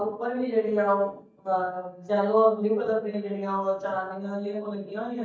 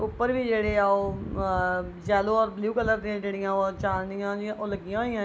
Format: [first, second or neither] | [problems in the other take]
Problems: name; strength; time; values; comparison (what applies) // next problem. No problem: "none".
second | noise reduction (neural mask model DeepFilterNet 3)